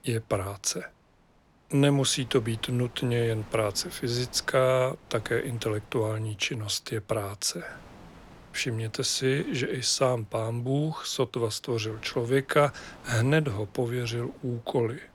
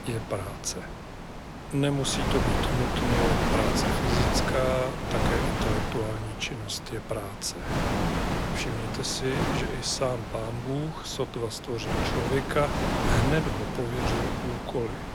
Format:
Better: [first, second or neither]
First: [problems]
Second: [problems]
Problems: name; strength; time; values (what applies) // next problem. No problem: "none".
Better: first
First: wind noise on the microphone; occasional gusts; 25 dB below the speech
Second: wind noise on the microphone; heavy; 2 dB above the speech